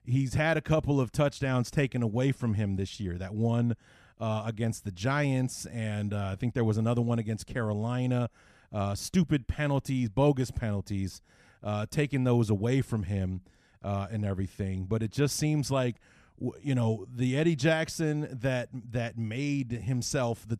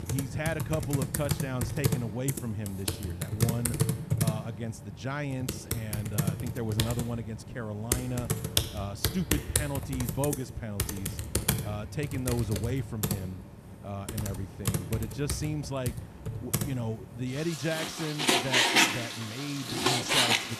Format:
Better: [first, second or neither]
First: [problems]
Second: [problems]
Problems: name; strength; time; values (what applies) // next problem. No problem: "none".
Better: first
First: none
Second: household noises; very loud; throughout; 5 dB above the speech